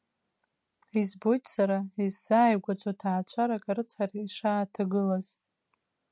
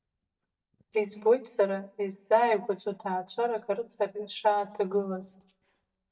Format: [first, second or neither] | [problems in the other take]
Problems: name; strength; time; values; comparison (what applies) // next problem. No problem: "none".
first | noise reduction (neural mask model DeepFilterNet 3)